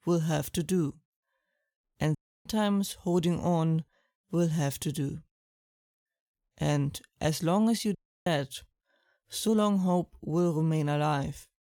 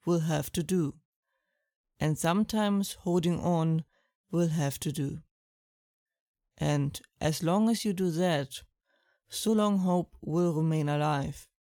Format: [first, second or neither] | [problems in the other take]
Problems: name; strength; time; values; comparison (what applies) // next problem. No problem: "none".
second | audio cutting out; at 2 s and at 8 s